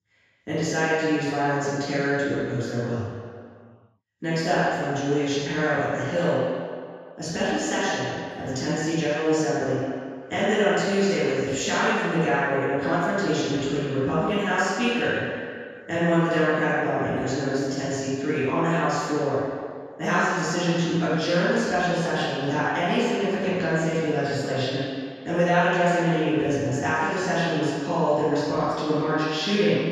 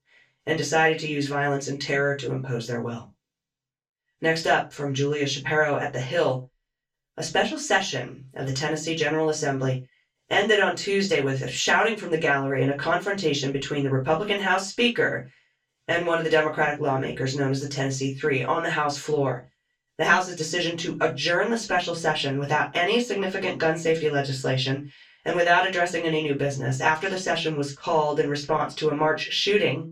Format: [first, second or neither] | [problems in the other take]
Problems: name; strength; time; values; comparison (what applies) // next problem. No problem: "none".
second | room echo; strong; dies away in 1.9 s; slight in the second // off-mic speech; far; far in the second